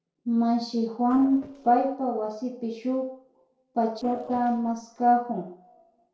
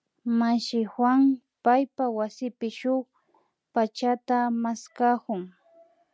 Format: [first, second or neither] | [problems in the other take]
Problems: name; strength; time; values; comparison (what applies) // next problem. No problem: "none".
second | noise reduction (neural separator model SepFormer DNS4)